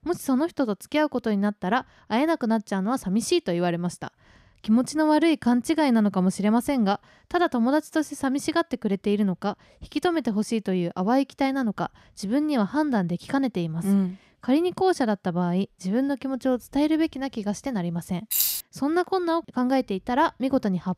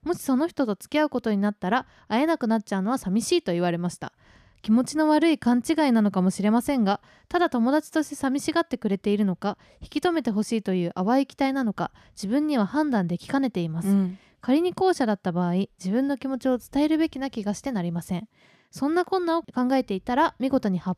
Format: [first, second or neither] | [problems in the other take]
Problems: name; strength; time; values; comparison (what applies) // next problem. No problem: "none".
second | jangling keys; loud; at 18 s; peak 3 dB above the speech